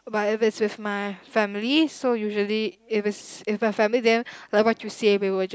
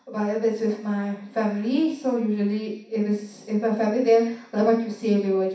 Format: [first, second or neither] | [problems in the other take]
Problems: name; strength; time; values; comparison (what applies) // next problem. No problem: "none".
first | room echo; dies away in 0.6 s